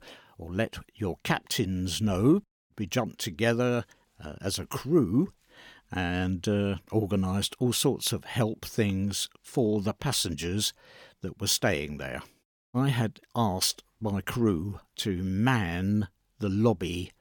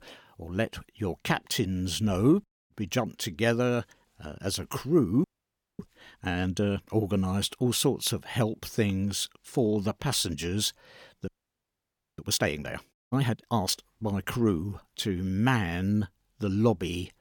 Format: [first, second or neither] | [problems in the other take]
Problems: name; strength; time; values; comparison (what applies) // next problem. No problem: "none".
first | audio freezing; at 5 s for 0.5 s and at 11 s for 1 s